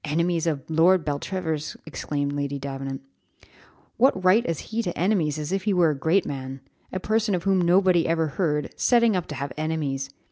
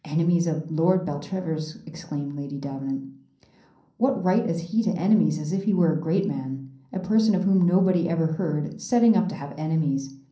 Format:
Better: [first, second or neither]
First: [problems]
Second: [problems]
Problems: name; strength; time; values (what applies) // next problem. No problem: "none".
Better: first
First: none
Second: room echo; dies away in 0.6 s